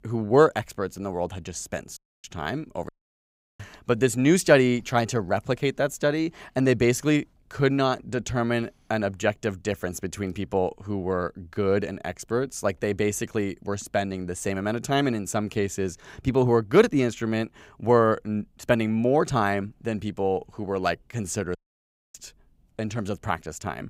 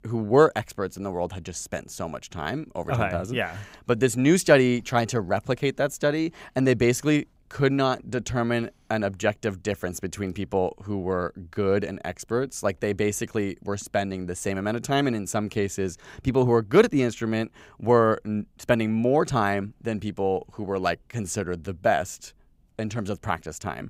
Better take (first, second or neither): second